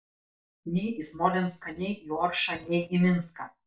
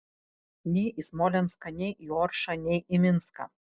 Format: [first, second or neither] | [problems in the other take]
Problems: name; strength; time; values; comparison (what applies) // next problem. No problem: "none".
second | noise reduction (neural mask model DeepFilterNet 3)